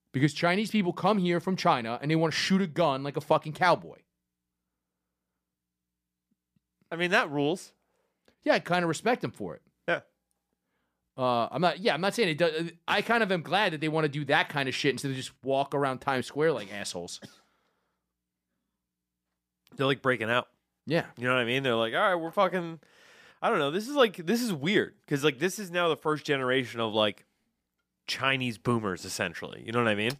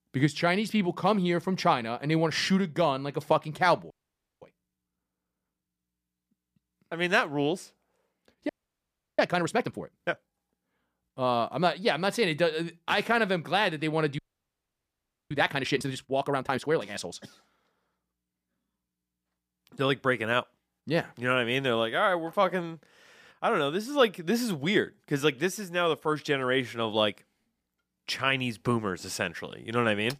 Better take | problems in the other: first | audio freezing; at 4 s for 0.5 s, at 8.5 s for 0.5 s and at 14 s for 1 s

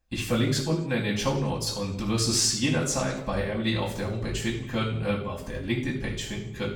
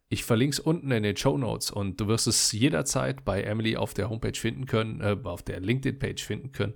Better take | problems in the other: second | room echo; noticeable; dies away in 0.6 s // off-mic speech; far

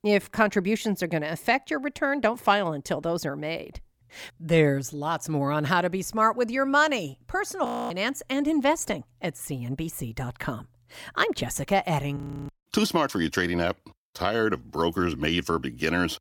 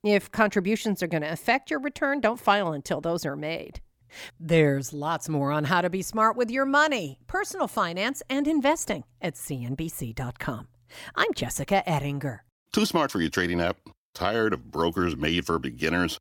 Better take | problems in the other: second | audio freezing; at 7.5 s and at 12 s

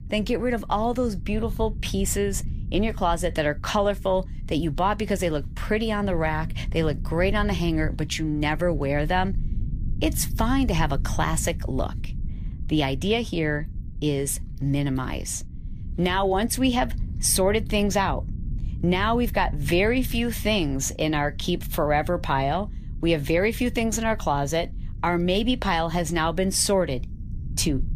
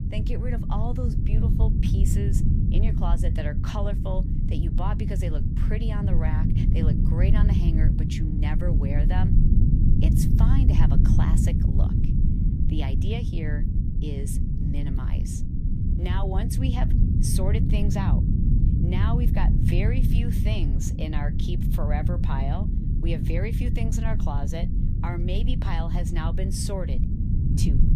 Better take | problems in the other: first | low rumble; loud; throughout; 1 dB below the speech; faint in the first

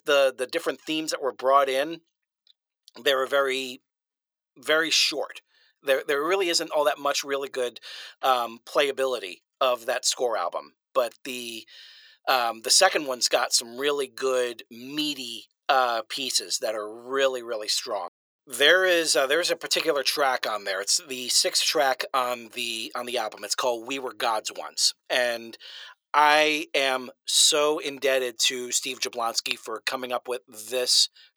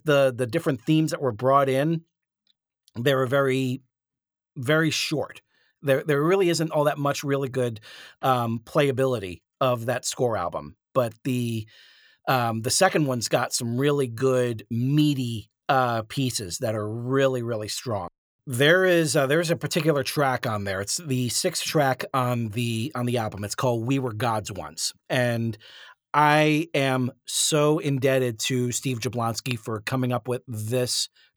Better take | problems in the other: second | thin; very; fading below 400 Hz

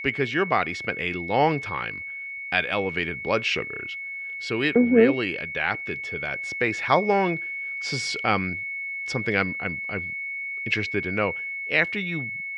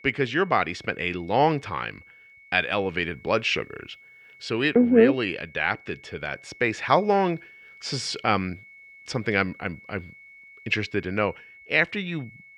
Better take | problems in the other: second | high-pitched whine; loud; throughout; 2 kHz, 5 dB below the speech; faint in the second

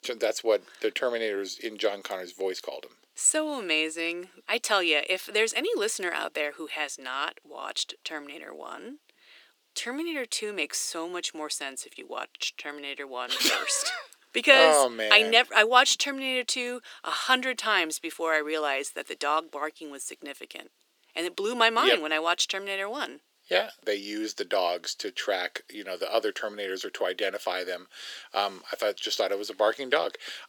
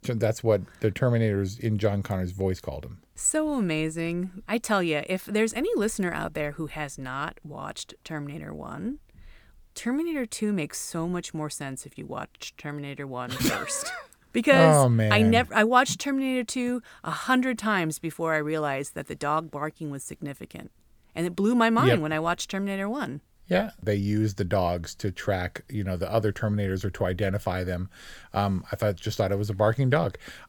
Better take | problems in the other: second | thin; very; fading below 350 Hz

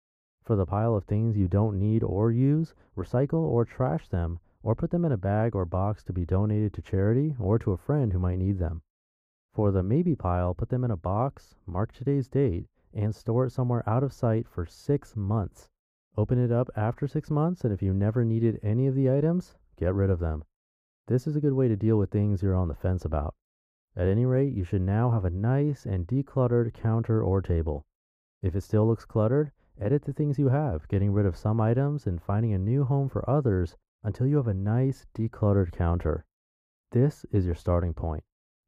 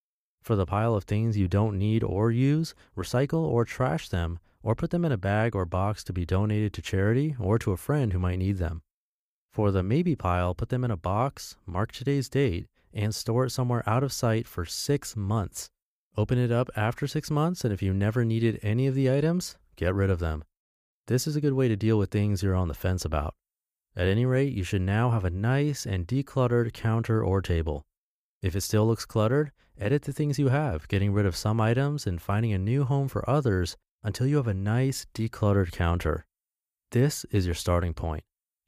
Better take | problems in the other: second | muffled; very; fading above 1.5 kHz

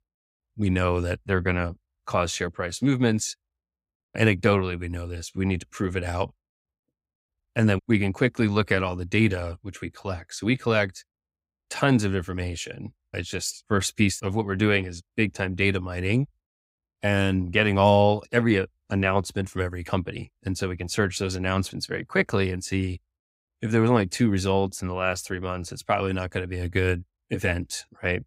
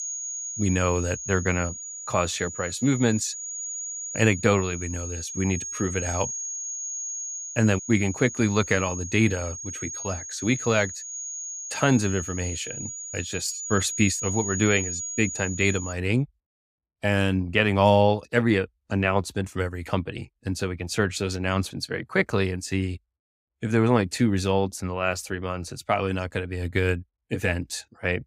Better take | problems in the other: first | high-pitched whine; loud; until 16 s; 6.5 kHz, 7 dB below the speech

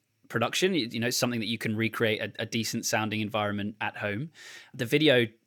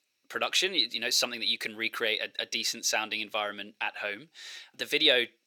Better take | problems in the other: first | thin; somewhat; fading below 450 Hz

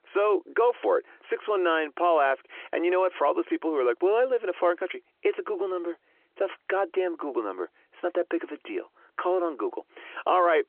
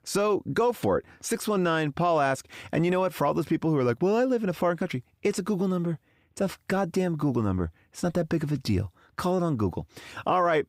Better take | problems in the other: second | phone-call audio

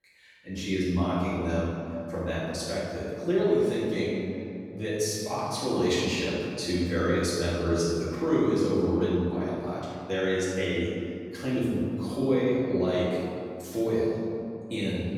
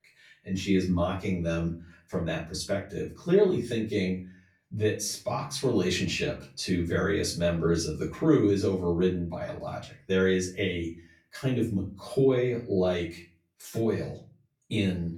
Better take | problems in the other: second | room echo; strong; dies away in 2.4 s; slight in the second // off-mic speech; far; far in the second

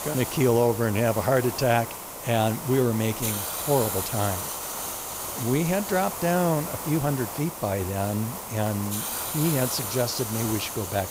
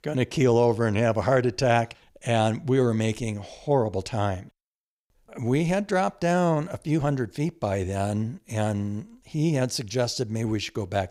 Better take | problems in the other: second | hiss; loud; throughout; 5 dB below the speech

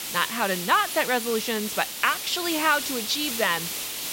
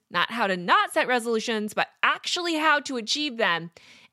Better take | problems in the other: second | hiss; loud; throughout; 5 dB below the speech

